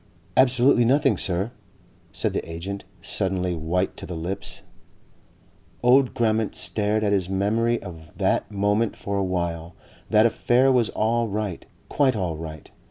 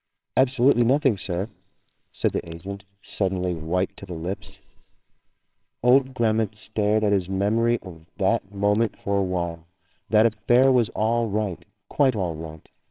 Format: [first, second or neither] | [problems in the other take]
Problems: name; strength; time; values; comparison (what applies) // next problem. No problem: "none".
first | noise reduction (neural separator model SepFormer WHAMR!)